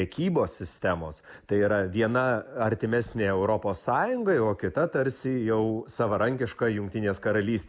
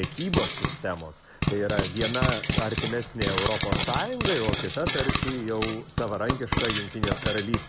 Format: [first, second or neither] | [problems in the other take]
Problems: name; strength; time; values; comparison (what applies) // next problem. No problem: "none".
first | background sound (Frying (food)); 1 dB above the speech